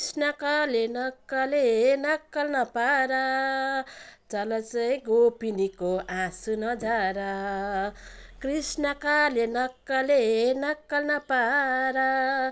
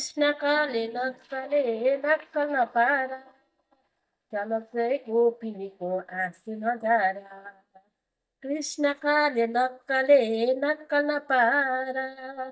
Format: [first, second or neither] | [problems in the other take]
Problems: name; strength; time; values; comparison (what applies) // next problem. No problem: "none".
first | noise reduction (neural mask model DeepFilterNet 3)